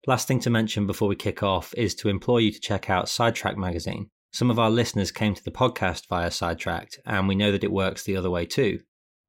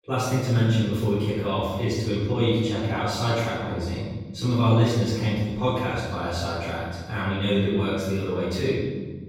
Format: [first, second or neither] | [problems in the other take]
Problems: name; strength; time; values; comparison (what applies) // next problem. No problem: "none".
first | room echo; strong; dies away in 1.6 s // off-mic speech; far